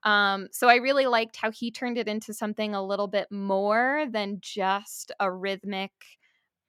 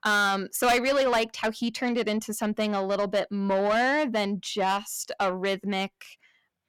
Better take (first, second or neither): first